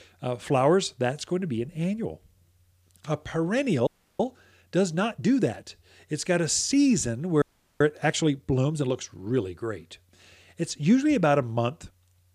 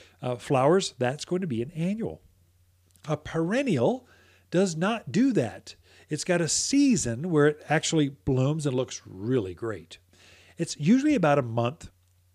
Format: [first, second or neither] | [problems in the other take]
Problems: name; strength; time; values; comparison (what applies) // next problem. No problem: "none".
second | audio freezing; at 4 s and at 7.5 s